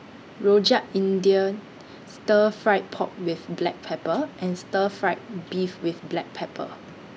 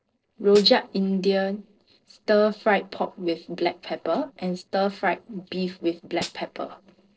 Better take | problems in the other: first | noise reduction (neural separator model SepFormer DNS4)

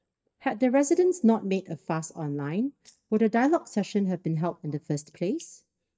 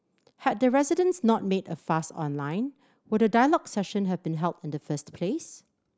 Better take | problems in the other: second | noise reduction (neural mask model DeepFilterNet 3)

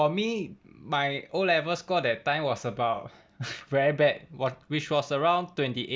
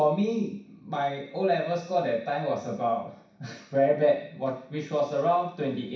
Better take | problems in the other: first | room echo; dies away in 0.6 s

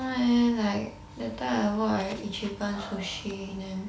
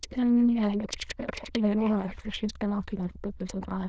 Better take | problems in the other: first | noise reduction (neural diffusion model UNIVERSE++)

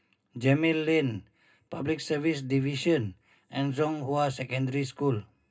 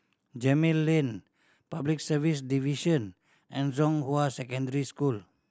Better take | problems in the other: second | room echo; dies away in 0.2 s

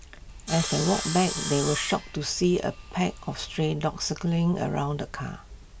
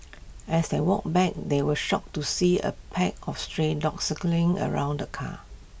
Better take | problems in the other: second | background sound (Sawing); 8 dB below the speech

